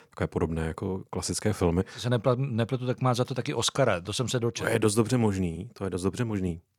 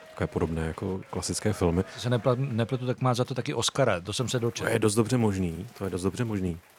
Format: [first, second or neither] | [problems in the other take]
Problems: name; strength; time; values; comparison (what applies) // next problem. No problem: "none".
first | crowd noise; faint; throughout; 25 dB below the speech